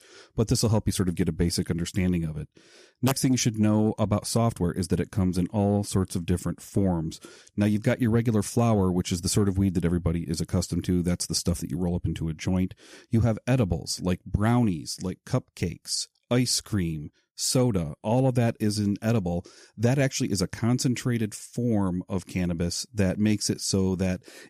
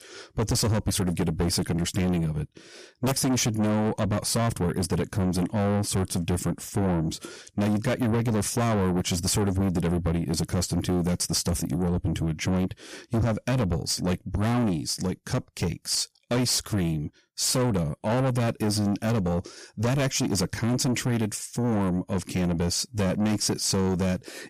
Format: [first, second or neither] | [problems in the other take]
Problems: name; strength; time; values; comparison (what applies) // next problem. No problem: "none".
first | distortion; heavy; 7 dB below the speech